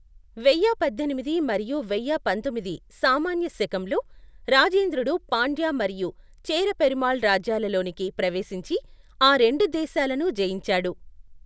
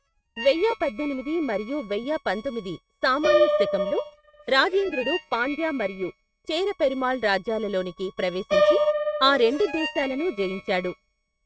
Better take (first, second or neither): first